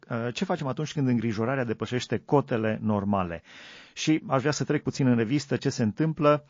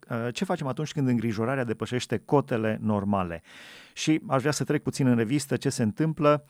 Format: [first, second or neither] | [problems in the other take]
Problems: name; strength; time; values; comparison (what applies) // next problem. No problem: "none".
second | garbled, watery; slightly; nothing above 6 kHz